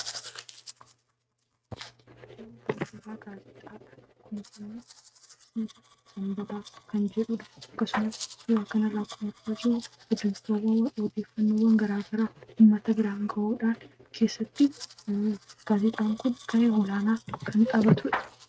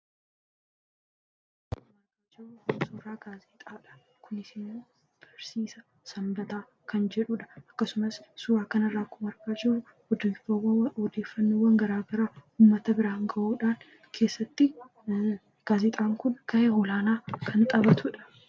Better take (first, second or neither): second